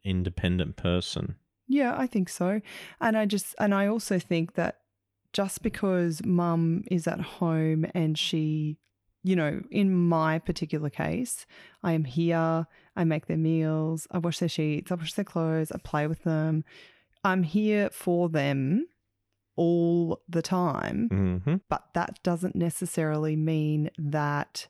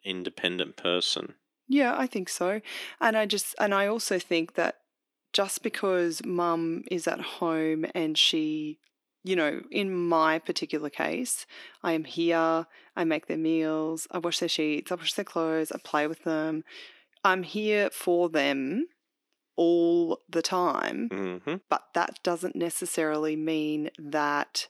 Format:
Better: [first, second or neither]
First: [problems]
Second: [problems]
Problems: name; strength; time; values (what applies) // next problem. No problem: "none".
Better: first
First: none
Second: thin; somewhat; fading below 300 Hz